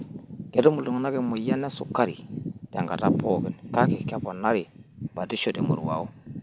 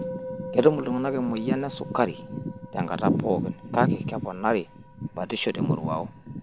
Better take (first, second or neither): first